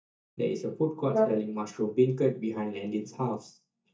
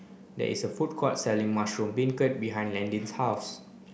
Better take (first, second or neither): second